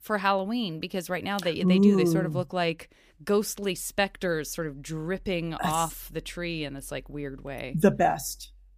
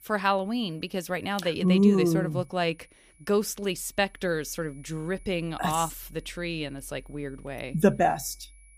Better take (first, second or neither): first